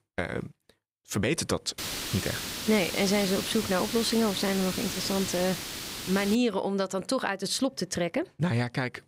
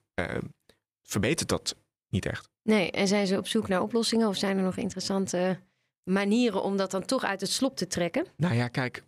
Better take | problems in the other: second | hiss; loud; from 2 to 6.5 s; 4 dB below the speech

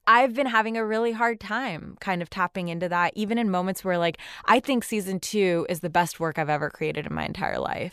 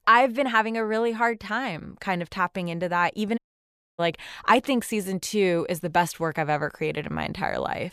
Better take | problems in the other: first | audio cutting out; at 3.5 s for 0.5 s

